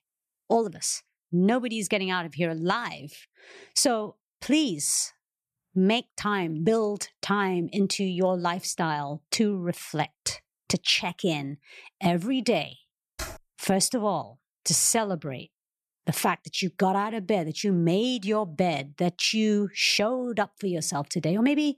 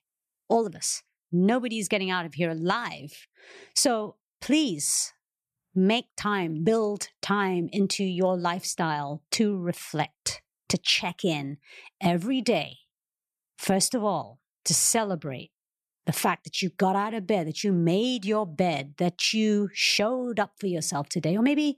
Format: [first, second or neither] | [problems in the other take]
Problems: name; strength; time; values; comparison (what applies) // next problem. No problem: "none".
second | keyboard typing; faint; at 13 s; peak 10 dB below the speech